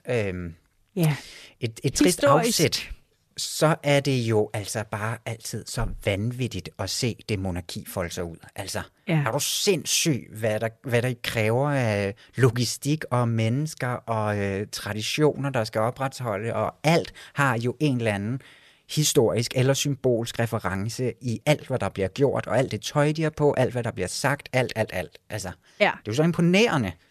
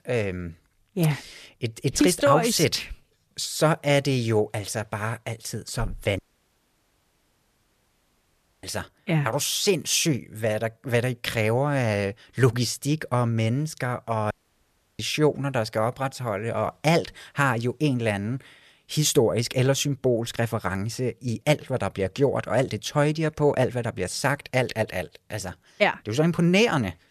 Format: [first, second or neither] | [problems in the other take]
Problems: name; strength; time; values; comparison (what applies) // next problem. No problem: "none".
first | audio cutting out; at 6 s for 2.5 s and at 14 s for 0.5 s